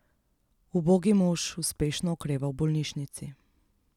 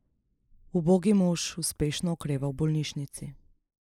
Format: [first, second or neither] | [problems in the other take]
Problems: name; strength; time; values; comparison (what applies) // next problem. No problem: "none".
first | noise reduction (neural mask model Resemble Enhance denoiser)